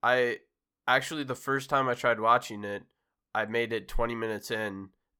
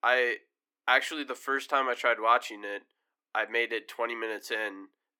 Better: first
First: none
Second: thin; somewhat; fading below 300 Hz

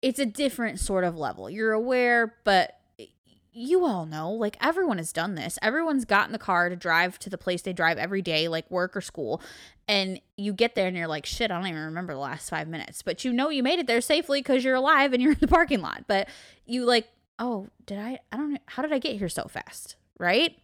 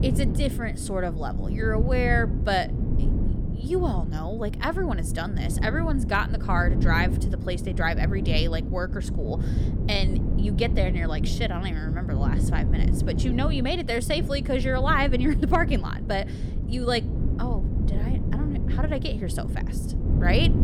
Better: first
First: none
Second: wind noise on the microphone; heavy; 9 dB below the speech

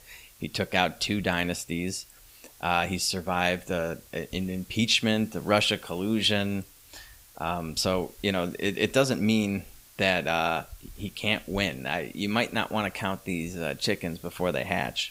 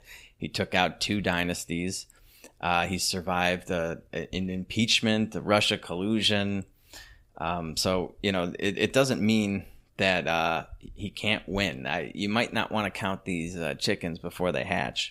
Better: second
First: hiss; faint; throughout; 25 dB below the speech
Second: none

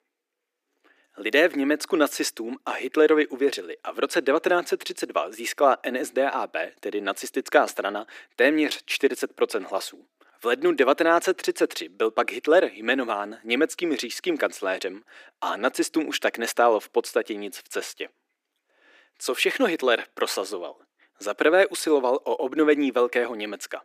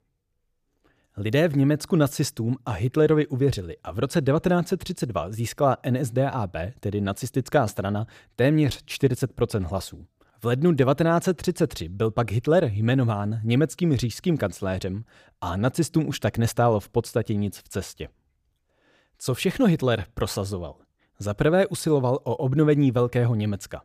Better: second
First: thin; somewhat; fading below 300 Hz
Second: none

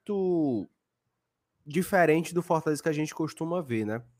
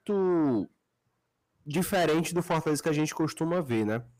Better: first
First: none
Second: distortion; heavy; 7 dB below the speech

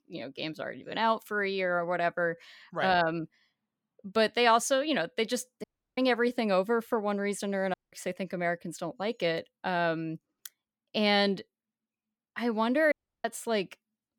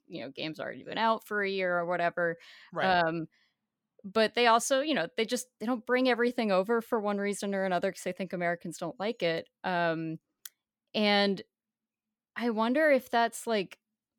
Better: second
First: audio cutting out; at 5.5 s, at 7.5 s and at 13 s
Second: none

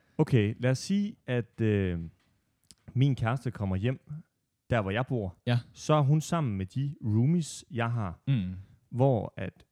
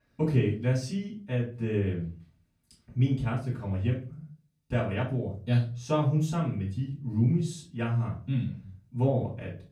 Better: first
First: none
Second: off-mic speech; far // room echo; slight; dies away in 0.3 s

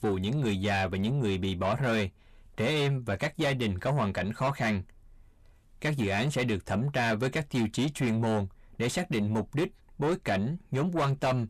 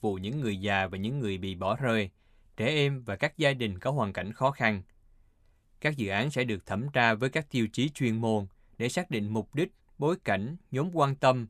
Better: second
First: distortion; heavy; 6 dB below the speech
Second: none

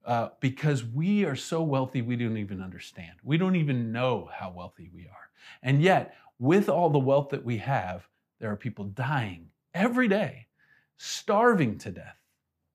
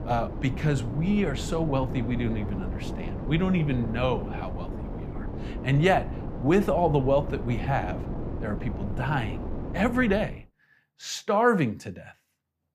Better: first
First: none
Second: wind noise on the microphone; occasional gusts; until 10 s; 10 dB below the speech

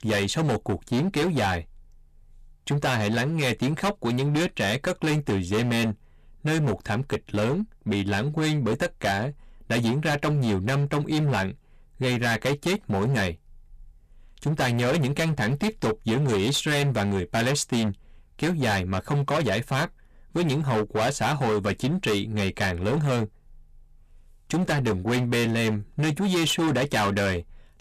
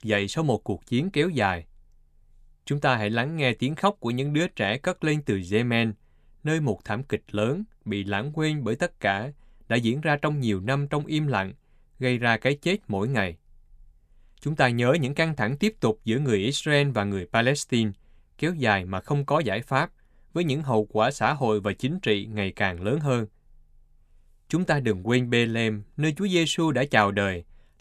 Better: second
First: distortion; heavy; 21% of the sound clipped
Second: none

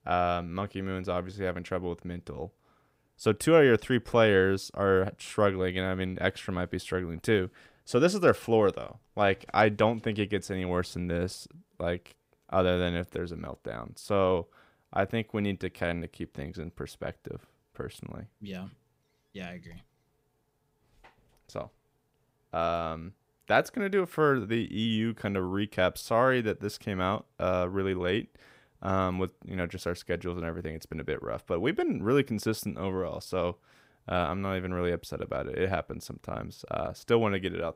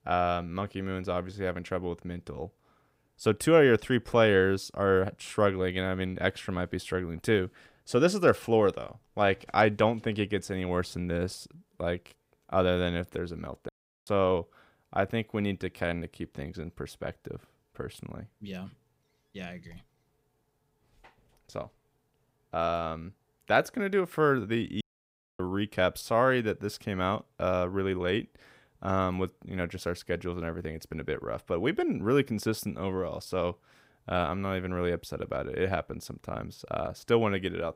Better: first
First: none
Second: audio cutting out; at 14 s and at 25 s for 0.5 s

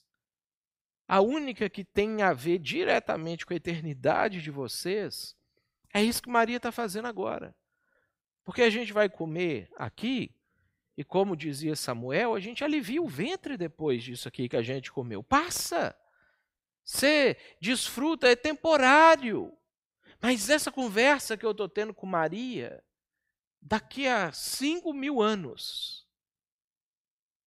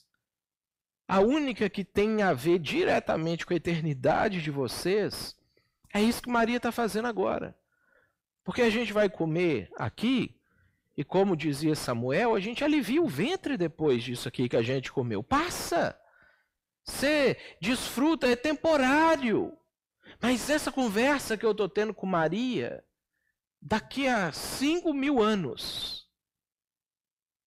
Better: first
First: none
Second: distortion; heavy; 6 dB below the speech

